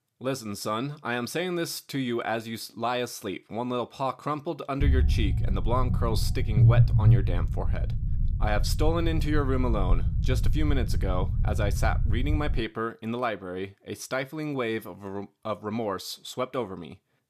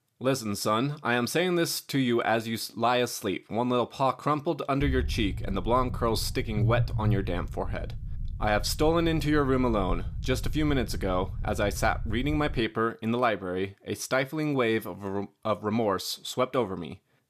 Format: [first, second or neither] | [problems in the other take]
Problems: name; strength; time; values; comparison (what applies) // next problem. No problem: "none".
second | low rumble; loud; from 5 to 13 s; 9 dB below the speech; faint in the second